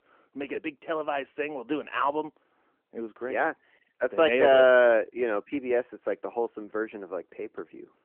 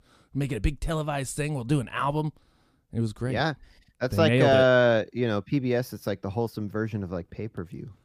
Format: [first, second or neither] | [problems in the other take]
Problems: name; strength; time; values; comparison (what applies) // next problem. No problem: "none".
second | phone-call audio; nothing above 3 kHz